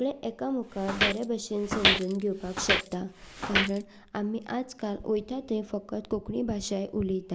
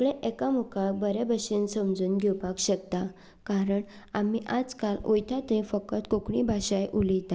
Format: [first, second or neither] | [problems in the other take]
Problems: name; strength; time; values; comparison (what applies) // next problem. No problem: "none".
second | background sound (Walk, footsteps); 1 dB above the speech